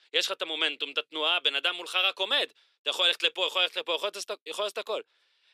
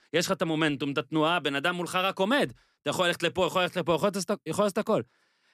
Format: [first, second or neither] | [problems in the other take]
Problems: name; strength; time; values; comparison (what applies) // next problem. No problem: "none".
second | thin; very; fading below 400 Hz